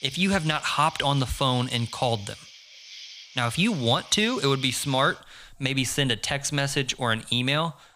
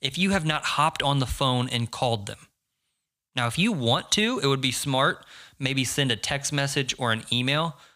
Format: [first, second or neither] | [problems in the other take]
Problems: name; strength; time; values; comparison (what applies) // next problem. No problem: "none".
second | animal sounds; noticeable; throughout; 15 dB below the speech